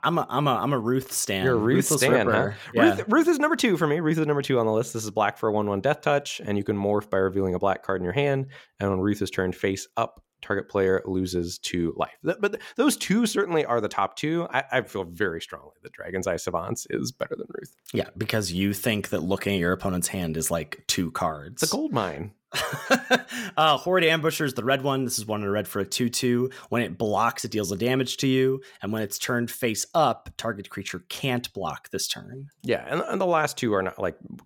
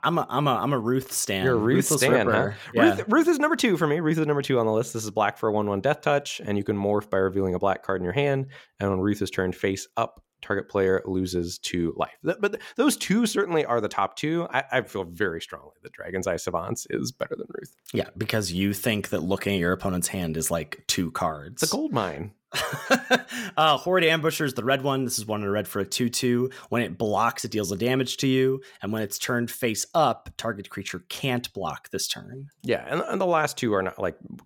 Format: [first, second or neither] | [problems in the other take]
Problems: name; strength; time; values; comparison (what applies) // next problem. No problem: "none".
neither | none